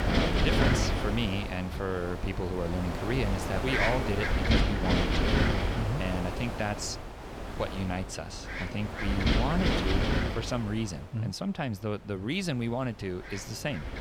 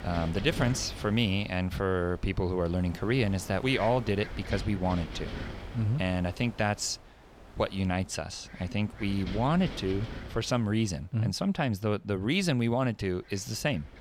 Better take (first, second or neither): second